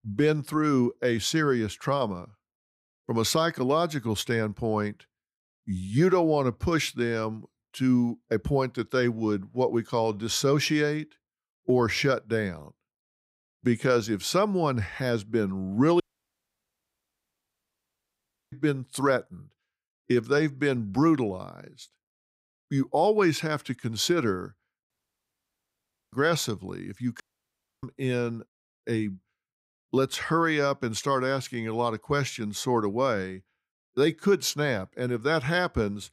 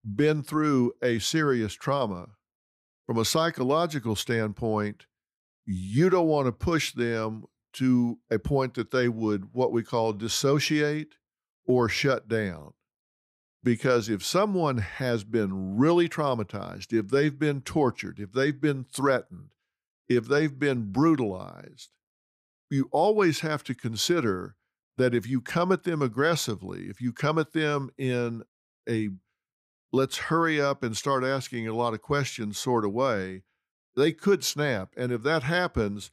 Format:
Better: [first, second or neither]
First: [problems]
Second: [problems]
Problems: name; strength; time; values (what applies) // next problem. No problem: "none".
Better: second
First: audio cutting out; at 16 s for 2.5 s, at 25 s for 1 s and at 27 s for 0.5 s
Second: none